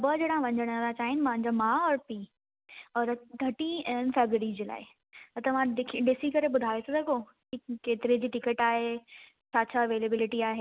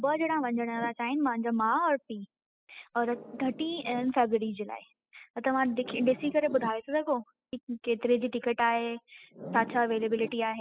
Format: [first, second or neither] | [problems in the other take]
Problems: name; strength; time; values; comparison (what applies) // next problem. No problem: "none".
first | noise reduction (classical method spectral subtraction)